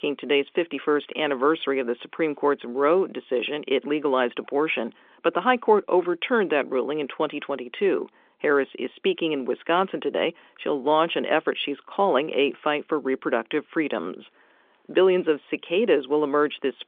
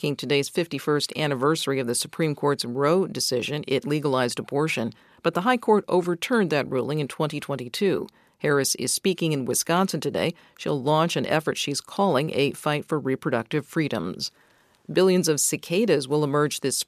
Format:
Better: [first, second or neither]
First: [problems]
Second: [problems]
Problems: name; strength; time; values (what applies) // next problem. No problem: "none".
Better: second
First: phone-call audio; nothing above 3.5 kHz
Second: none